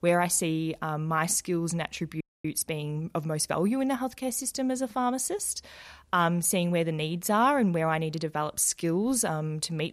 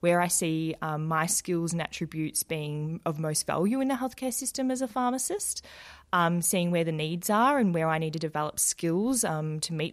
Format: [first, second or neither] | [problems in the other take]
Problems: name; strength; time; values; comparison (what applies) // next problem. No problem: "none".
second | audio freezing; at 2 s